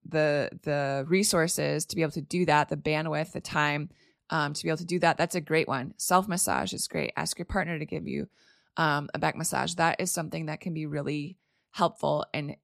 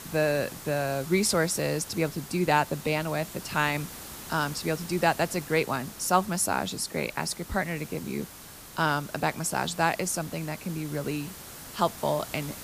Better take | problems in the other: first | hiss; noticeable; throughout; 15 dB below the speech

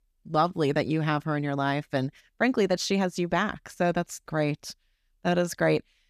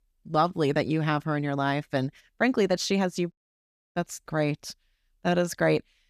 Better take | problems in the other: first | audio cutting out; at 3.5 s for 0.5 s

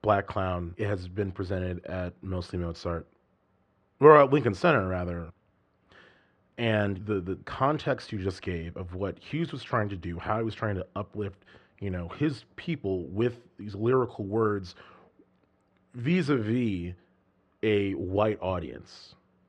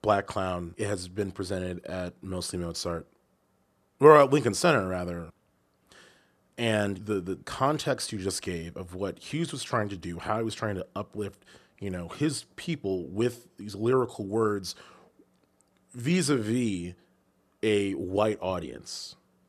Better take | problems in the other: second | muffled; slightly; fading above 2.5 kHz

